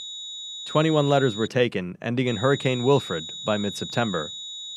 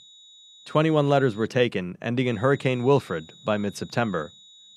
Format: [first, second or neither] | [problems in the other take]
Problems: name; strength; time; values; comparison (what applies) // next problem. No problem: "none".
second | high-pitched whine; loud; until 1.5 s and from 2.5 s on; 4 kHz, 9 dB below the speech; faint in the second